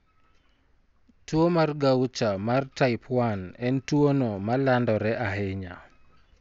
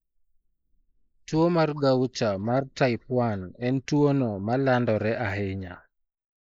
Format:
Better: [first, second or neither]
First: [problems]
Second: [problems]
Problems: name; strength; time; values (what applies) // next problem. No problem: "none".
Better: first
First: none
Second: noise reduction (neural mask model Resemble Enhance denoiser)